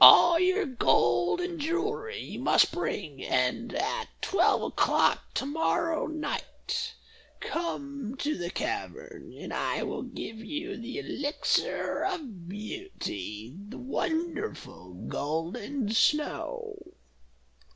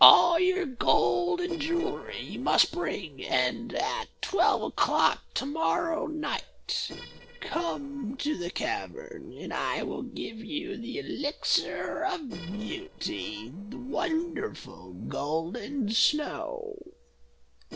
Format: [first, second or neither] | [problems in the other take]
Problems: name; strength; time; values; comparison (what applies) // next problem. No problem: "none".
first | noise reduction (neural separator model SepFormer DNS4)